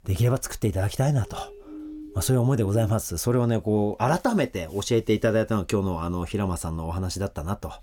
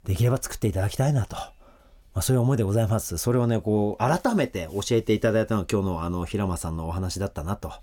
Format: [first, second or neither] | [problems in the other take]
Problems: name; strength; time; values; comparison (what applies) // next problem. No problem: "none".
second | siren; faint; from 1 to 3 s; peak 15 dB below the speech